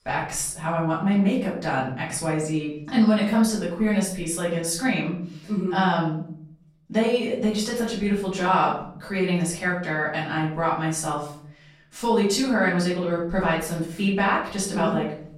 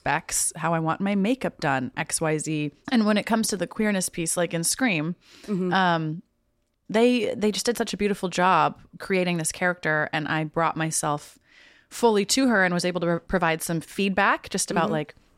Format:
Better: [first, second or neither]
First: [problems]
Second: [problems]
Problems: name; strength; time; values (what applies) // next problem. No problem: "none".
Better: second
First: off-mic speech; far // room echo; noticeable; dies away in 0.6 s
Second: none